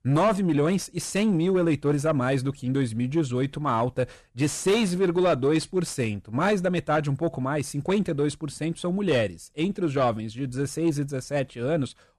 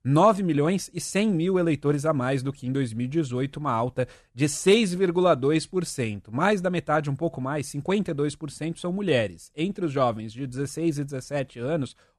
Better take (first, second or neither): second